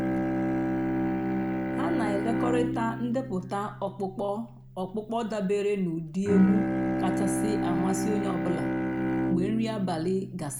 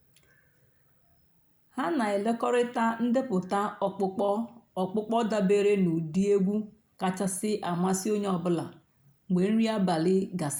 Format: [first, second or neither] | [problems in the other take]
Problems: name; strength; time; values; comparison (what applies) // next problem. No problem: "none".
second | background sound (Bowed string instrument); 2 dB above the speech